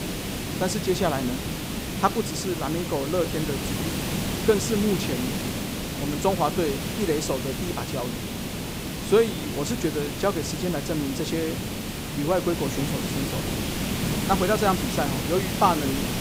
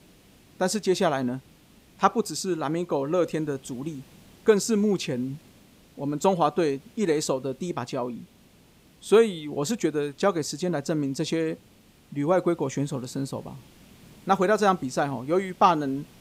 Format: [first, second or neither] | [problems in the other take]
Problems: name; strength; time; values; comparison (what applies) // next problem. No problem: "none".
second | hiss; loud; throughout; 2 dB below the speech; faint in the second